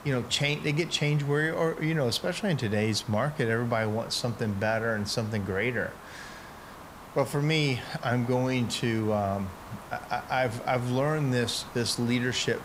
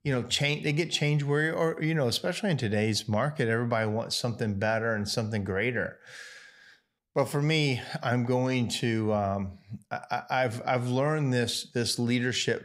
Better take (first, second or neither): second